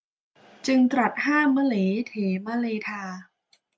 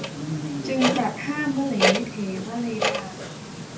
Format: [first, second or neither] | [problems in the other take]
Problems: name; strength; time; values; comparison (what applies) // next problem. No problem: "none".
first | background sound (Clock); 1 dB above the speech // room echo; dies away in 0.3 s